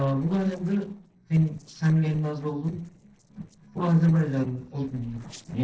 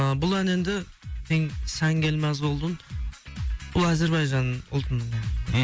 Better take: second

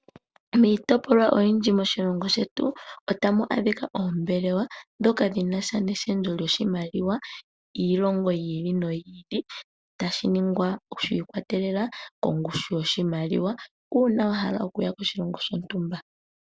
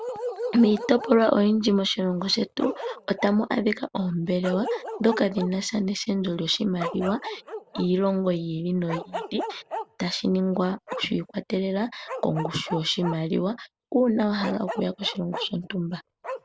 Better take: first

